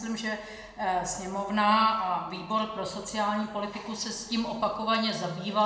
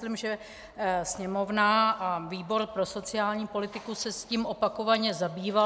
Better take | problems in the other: second | room echo; dies away in 0.9 s

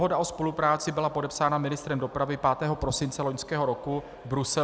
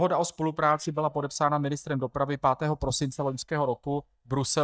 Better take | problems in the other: first | noise reduction (neural mask model DeepFilterNet 3)

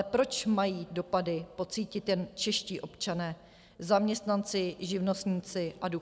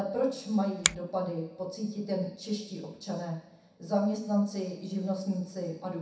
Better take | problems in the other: first | background sound (Finger snapping); 3 dB below the speech // room echo; dies away in 0.7 s

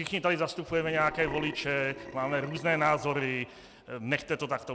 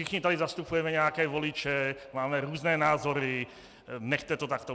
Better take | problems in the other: second | background sound (Burping, eructation); 13 dB below the speech

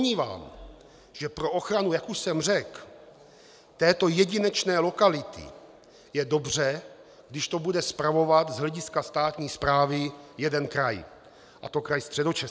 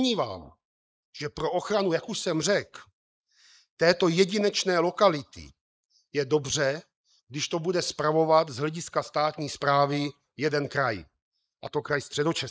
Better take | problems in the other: first | noise reduction (neural mask model Resemble Enhance denoiser)

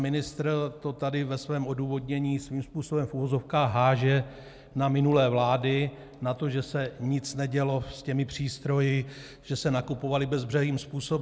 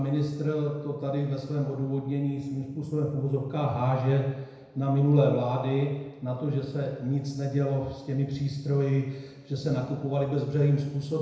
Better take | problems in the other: first | room echo; dies away in 1 s

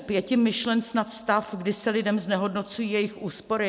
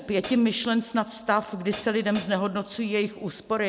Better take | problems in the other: first | background sound (Hi-hat); 14 dB below the speech

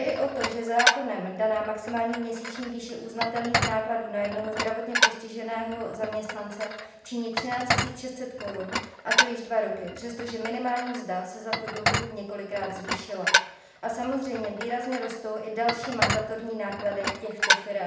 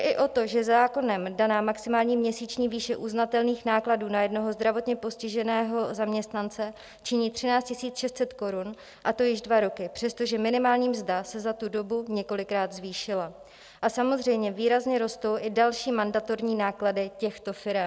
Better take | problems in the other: second | background sound (Dishes, pots, and pans); as loud as the speech // room echo; dies away in 0.8 s

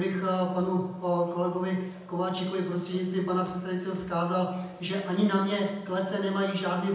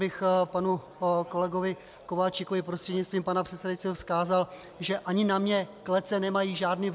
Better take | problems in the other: second | room echo; dies away in 0.9 s

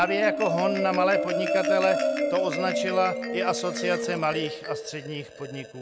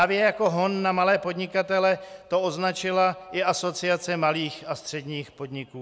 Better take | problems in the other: second | background sound (Marimba, xylophone); 1 dB below the speech

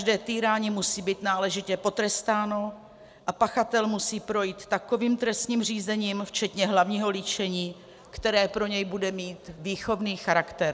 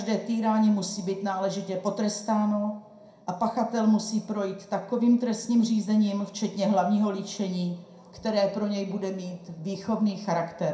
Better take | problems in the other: first | room echo; dies away in 0.5 s

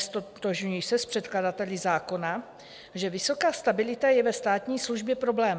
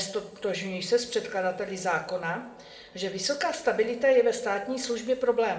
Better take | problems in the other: first | room echo; dies away in 0.7 s

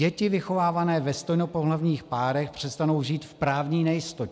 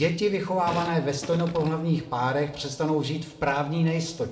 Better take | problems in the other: first | background sound (Fart); 12 dB below the speech // room echo; dies away in 0.7 s

